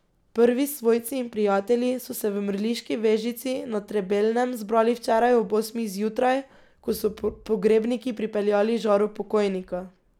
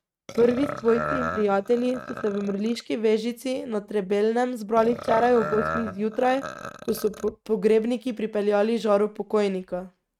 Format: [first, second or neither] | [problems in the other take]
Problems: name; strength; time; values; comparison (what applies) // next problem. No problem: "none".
first | noise reduction (neural mask model RNNoise)